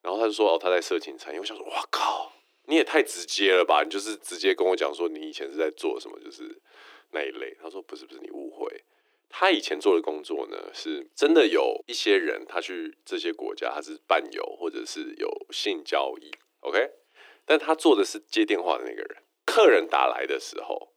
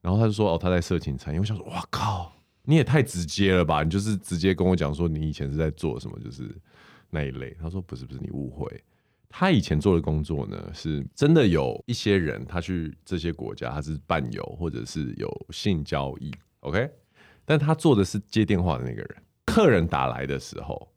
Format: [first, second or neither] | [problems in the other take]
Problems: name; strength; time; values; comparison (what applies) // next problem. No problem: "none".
second | thin; very; fading below 300 Hz